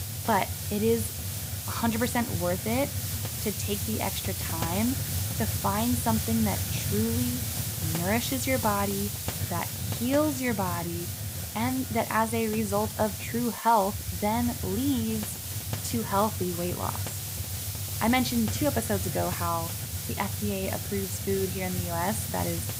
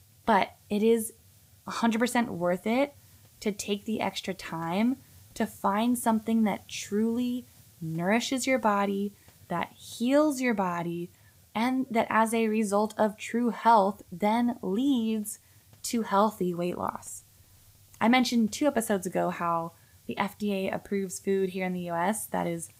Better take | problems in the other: second | hiss; loud; throughout; 2 dB below the speech; faint in the second

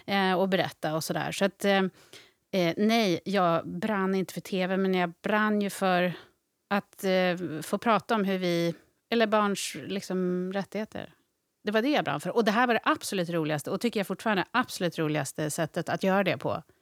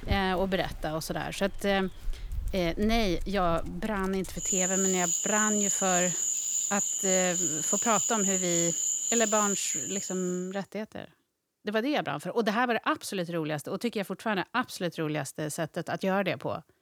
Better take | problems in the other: first | animal sounds; very loud; until 10 s; 3 dB above the speech

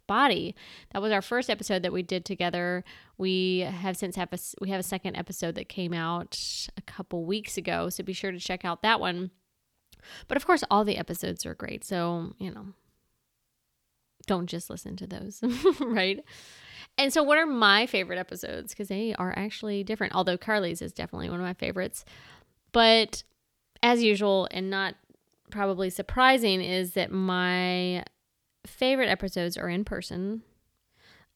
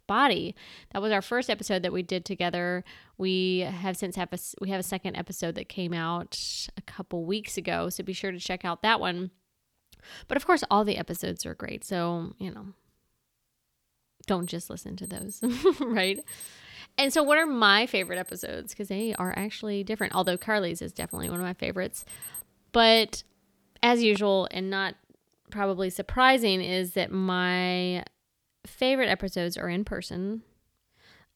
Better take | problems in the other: first | alarm; noticeable; from 14 to 24 s; peak 10 dB below the speech

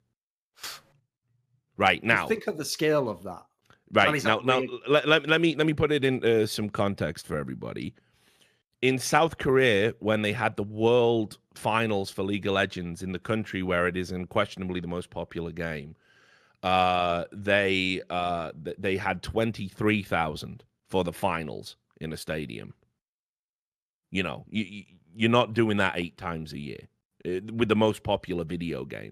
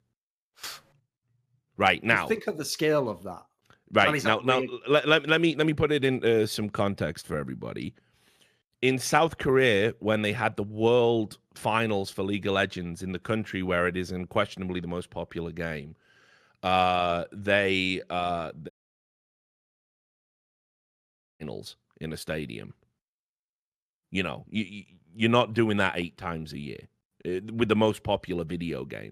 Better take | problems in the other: first | audio cutting out; at 19 s for 2.5 s

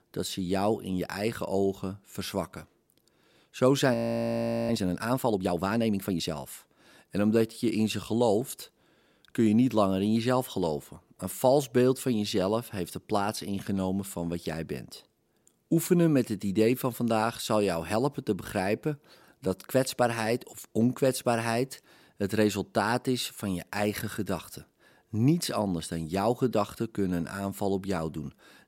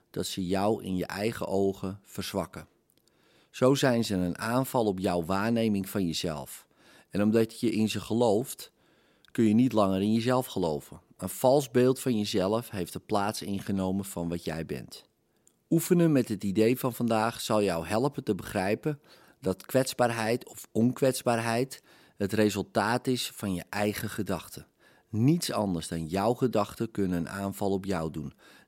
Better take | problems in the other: second | audio freezing; at 4 s for 1 s

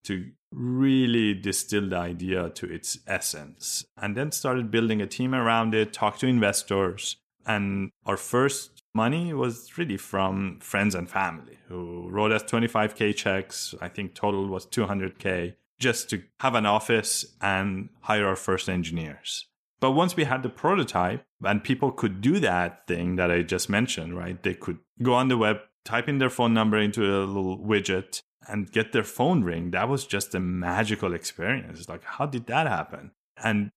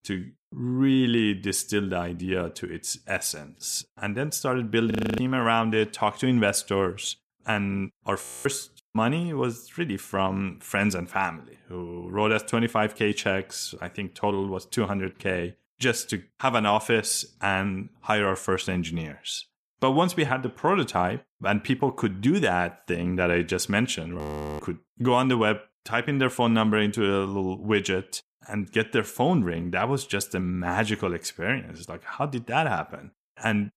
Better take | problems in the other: first | audio freezing; at 5 s, at 8 s and at 24 s

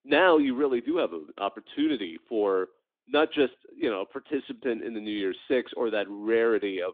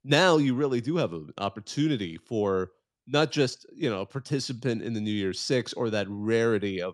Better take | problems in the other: second | phone-call audio

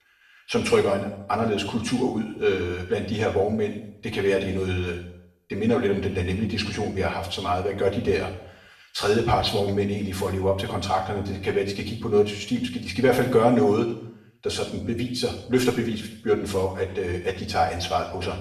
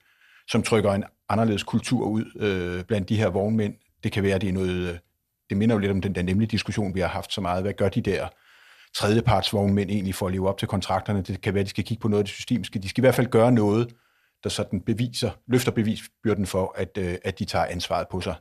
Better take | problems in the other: second | room echo; noticeable; dies away in 0.7 s // off-mic speech; far

